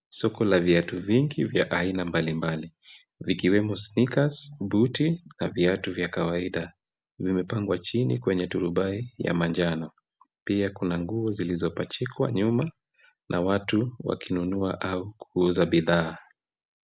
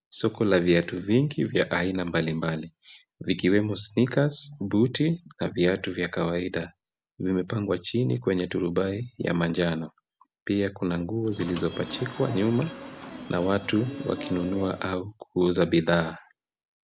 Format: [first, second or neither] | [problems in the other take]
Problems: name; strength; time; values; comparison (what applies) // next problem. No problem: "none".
first | background sound (Subway, metro, underground / Sliding door); 12 dB below the speech